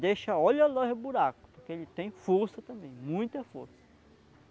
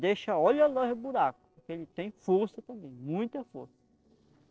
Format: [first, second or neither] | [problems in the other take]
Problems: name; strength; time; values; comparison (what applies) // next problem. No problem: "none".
first | noise reduction (neural separator model SepFormer DNS4)